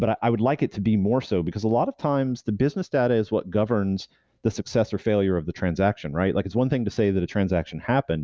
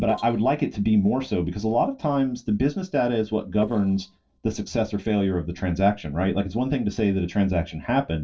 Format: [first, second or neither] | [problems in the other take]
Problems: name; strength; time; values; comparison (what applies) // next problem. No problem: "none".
first | noise reduction (neural separator model SepFormer DNS4)